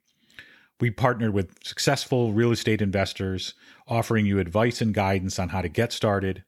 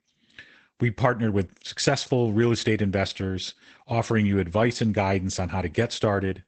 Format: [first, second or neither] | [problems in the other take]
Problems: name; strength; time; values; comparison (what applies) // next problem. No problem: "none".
first | garbled, watery; badly; nothing above 8 kHz